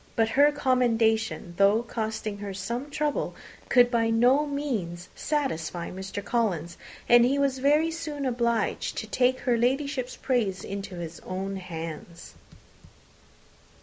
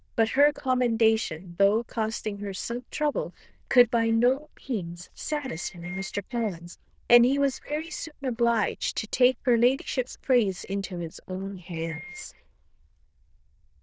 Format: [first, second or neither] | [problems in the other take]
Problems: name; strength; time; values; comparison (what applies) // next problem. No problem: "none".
first | noise reduction (neural diffusion model UNIVERSE++)